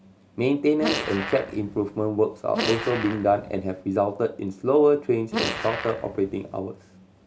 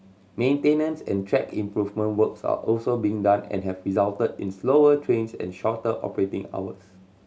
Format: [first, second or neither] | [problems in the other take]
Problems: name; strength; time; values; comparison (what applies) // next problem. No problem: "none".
second | background sound (Fart); 7 dB below the speech